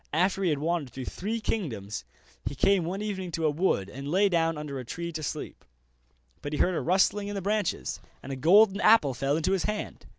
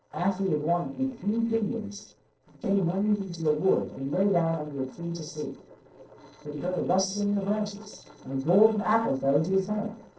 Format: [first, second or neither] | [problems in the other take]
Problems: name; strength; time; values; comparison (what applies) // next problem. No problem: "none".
first | noise reduction (neural separator model SepFormer DNS4)